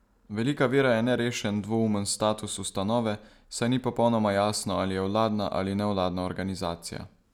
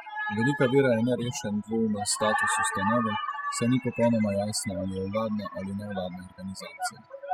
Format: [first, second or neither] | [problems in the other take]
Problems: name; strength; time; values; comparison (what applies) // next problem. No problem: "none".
first | noise reduction (classical method spectral subtraction)